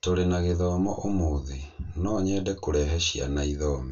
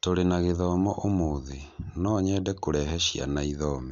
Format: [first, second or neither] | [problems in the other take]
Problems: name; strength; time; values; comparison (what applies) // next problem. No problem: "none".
second | room echo; dies away in 0.2 s